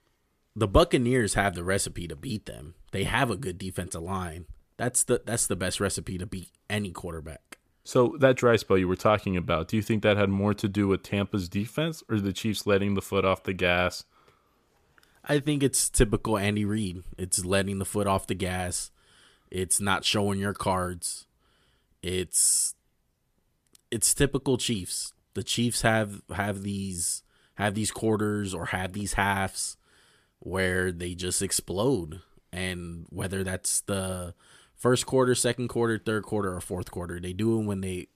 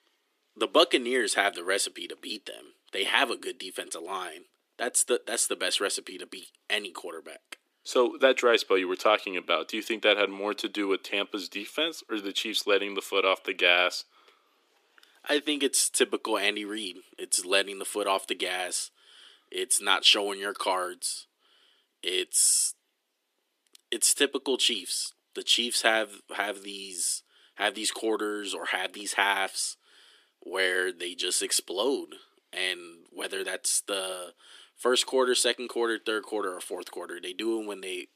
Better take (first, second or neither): first